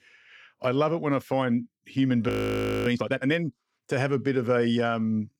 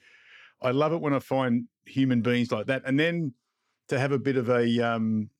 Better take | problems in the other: second | audio freezing; at 2.5 s for 0.5 s

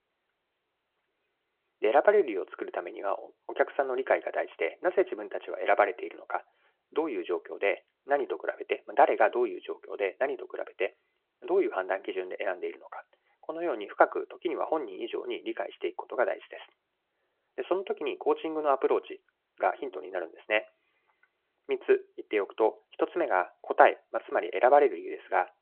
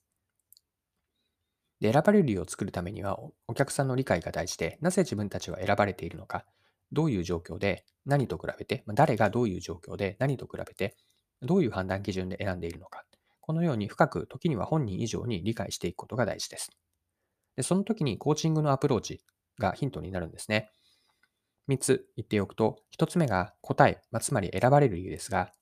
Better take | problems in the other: second | phone-call audio

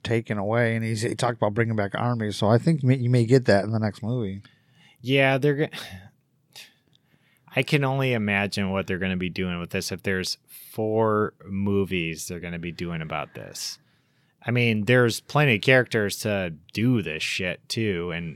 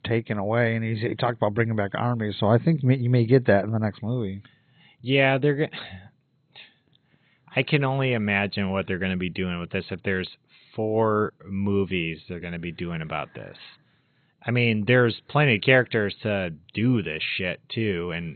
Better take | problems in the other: first | garbled, watery; badly; nothing above 4 kHz

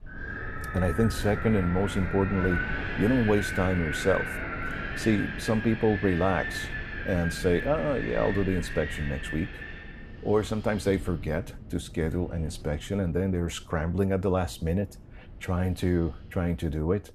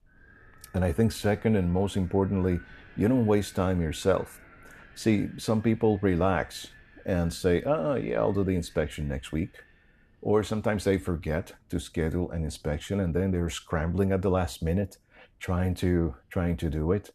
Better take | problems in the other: second | wind in the background; loud; throughout; 7 dB below the speech; faint in the second

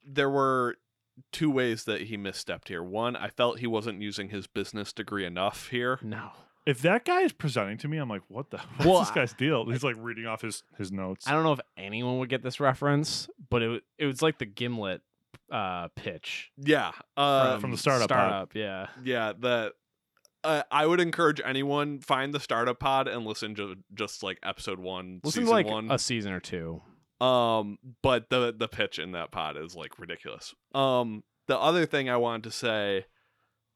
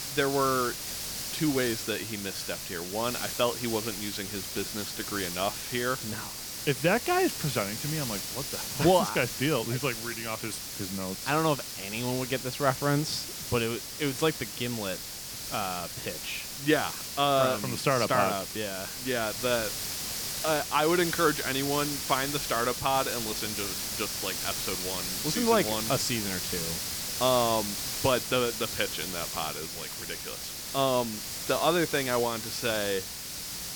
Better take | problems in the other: first | hiss; loud; throughout; 4 dB below the speech

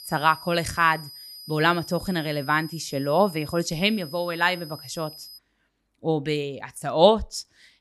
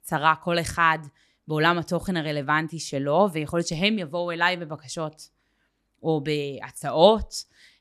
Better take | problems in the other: second | high-pitched whine; noticeable; until 5.5 s; 5 kHz, 15 dB below the speech

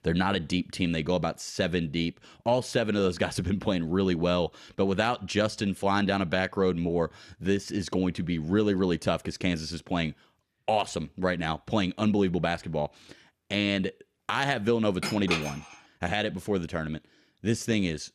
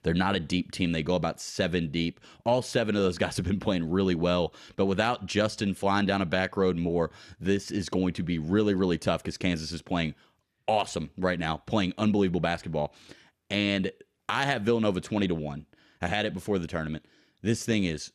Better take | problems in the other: second | clattering dishes; noticeable; at 15 s; peak 2 dB below the speech

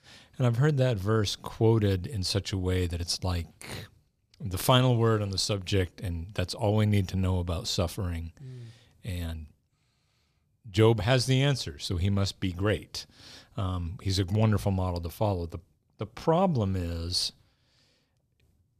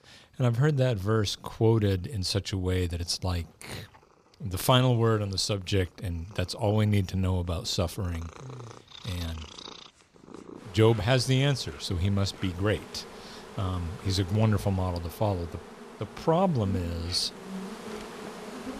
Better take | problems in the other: first | animal sounds; noticeable; throughout; 15 dB below the speech

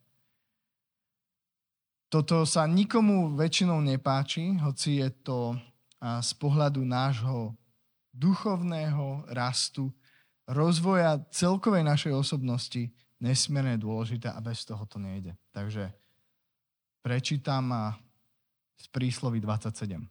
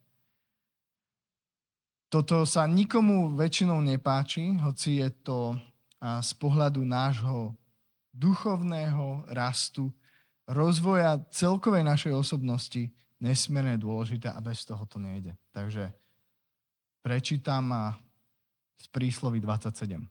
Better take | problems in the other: first | garbled, watery; slightly; nothing above 19 kHz

